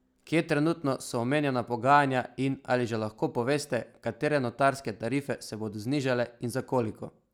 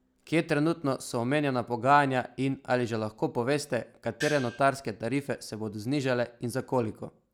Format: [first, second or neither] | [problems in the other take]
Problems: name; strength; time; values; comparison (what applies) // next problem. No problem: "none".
first | background sound (Gong); 9 dB below the speech